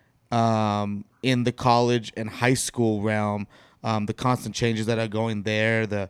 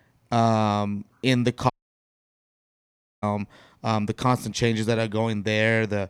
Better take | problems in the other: first | audio cutting out; at 1.5 s for 1.5 s

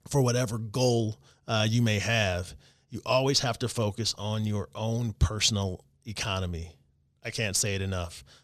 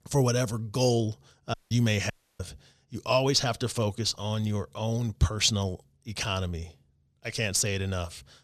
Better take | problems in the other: first | audio cutting out; at 1.5 s and at 2 s

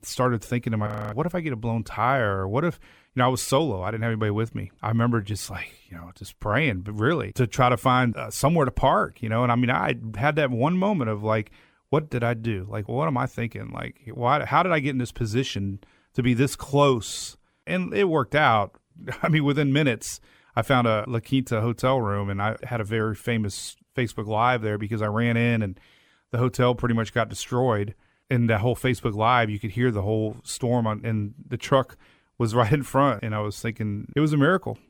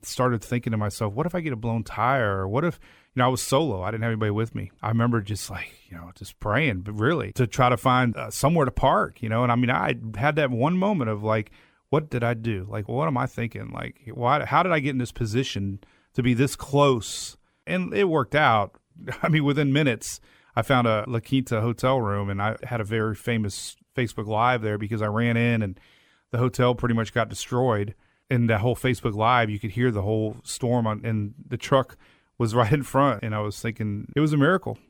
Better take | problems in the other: second | audio freezing; at 1 s

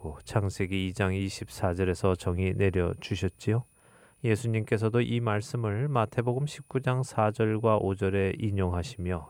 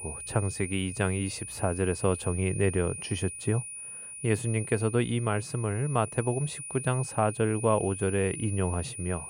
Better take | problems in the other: first | high-pitched whine; loud; throughout; 9.5 kHz, 8 dB below the speech; faint in the first

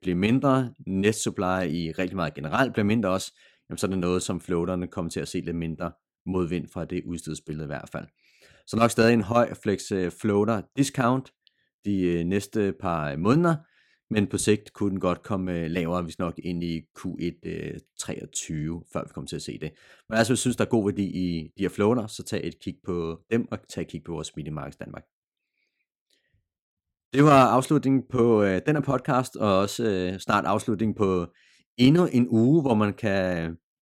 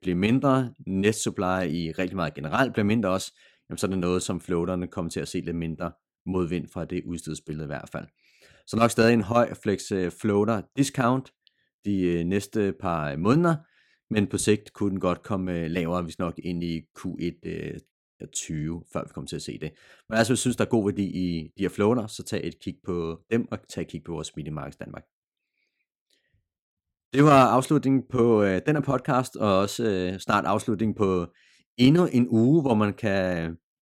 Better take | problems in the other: first | audio cutting out; at 18 s

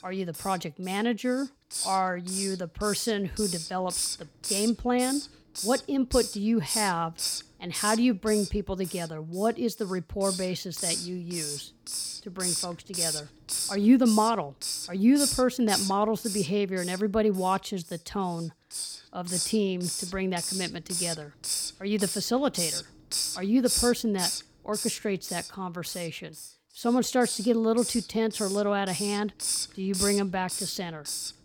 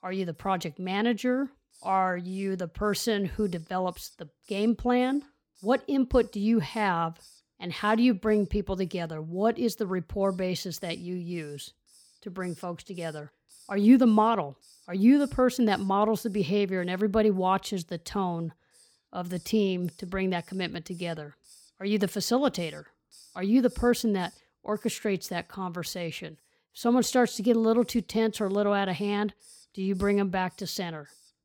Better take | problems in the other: second | hiss; loud; throughout; 3 dB below the speech; faint in the second

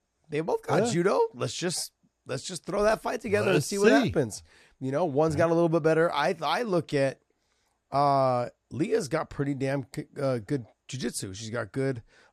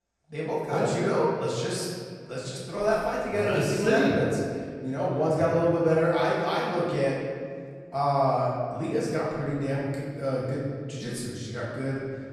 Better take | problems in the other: first | off-mic speech; far // room echo; noticeable; dies away in 1.8 s

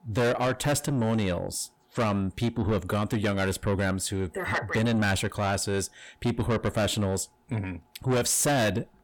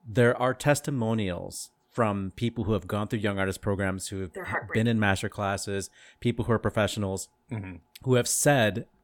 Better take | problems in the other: second | distortion; heavy; 7 dB below the speech

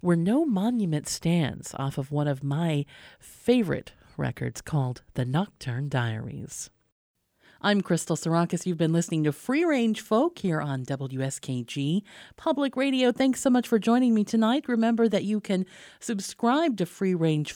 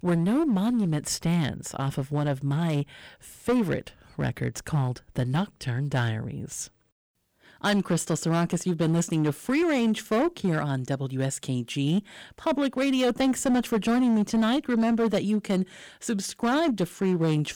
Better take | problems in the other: first | distortion; slight; 10% of the sound clipped

